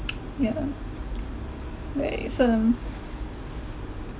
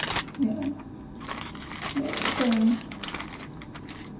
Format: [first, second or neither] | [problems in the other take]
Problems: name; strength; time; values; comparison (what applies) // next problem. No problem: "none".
first | background sound (Crumpling, crinkling); 6 dB below the speech // room echo; dies away in 0.7 s